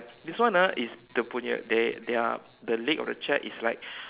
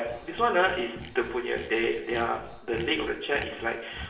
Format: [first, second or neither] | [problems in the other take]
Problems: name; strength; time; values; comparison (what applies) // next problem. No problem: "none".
first | background sound (Sawing); 15 dB below the speech // room echo; dies away in 0.7 s